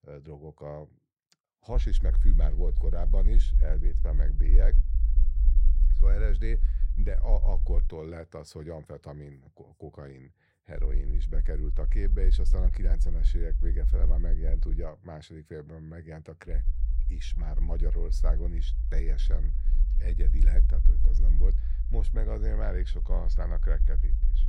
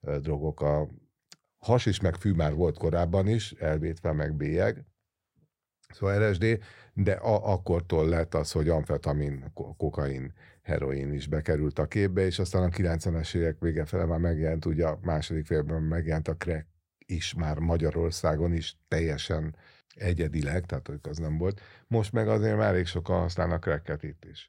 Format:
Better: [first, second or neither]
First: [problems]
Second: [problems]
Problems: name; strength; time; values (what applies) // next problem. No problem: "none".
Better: second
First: low rumble; loud; from 2 to 8 s, from 11 to 15 s and from 17 s on; 9 dB below the speech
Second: none